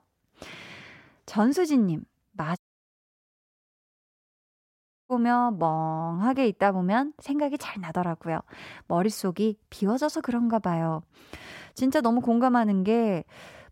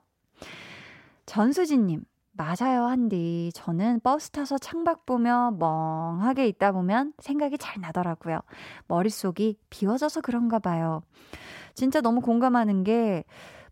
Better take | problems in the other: second | audio cutting out; at 2.5 s for 2.5 s

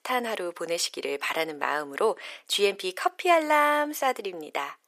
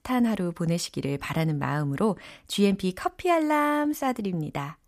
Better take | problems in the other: second | thin; very; fading below 400 Hz

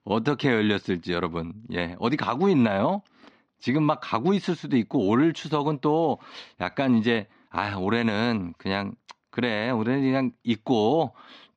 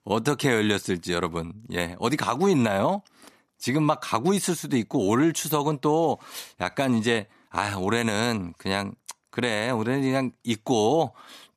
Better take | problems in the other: second | muffled; very slightly; fading above 4.5 kHz

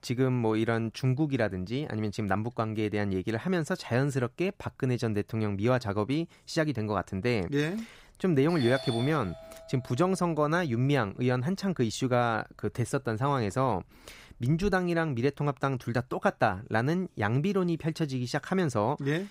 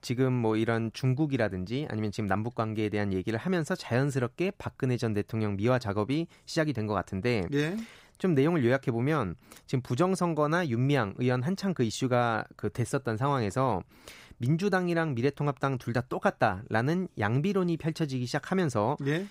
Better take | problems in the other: second | doorbell; noticeable; from 8.5 to 15 s; peak 7 dB below the speech

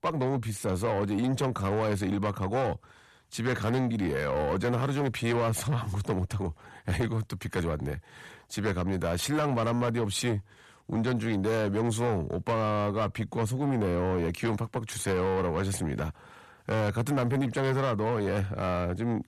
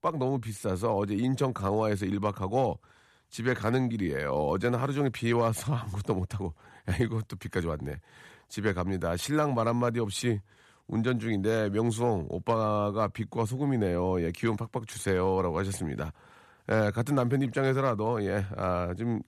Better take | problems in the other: second | distortion; slight; 10 dB below the speech

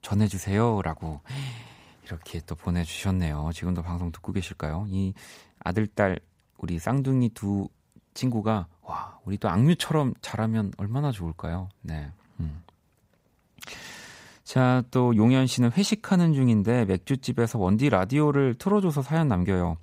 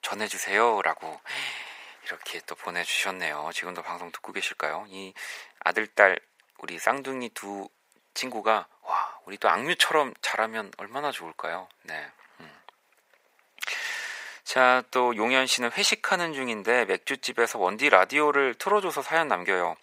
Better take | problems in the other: first | thin; very; fading below 500 Hz

